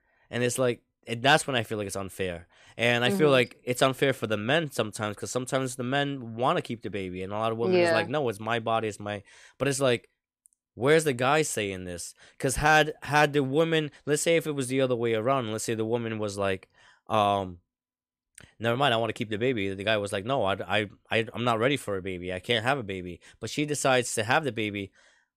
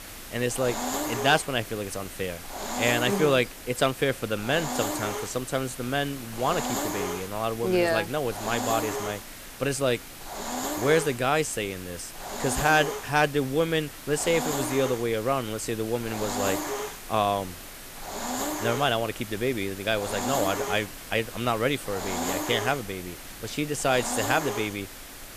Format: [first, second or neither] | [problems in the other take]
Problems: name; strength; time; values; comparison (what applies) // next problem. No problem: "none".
first | hiss; loud; throughout; 6 dB below the speech